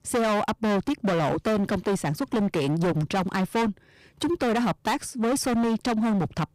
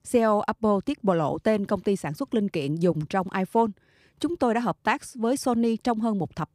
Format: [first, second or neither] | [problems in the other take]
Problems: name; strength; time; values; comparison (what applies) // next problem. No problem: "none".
second | distortion; heavy; 26% of the sound clipped